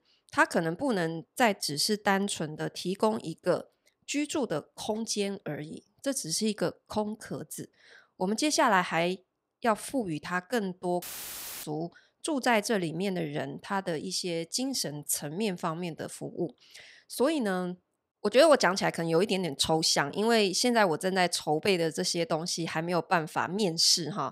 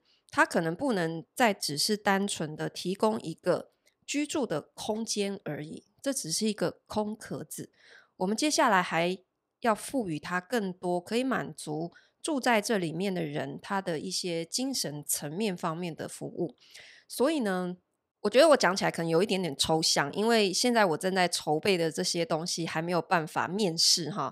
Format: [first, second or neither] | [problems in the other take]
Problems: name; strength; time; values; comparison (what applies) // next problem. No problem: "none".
second | audio cutting out; filled with static; at 11 s for 0.5 s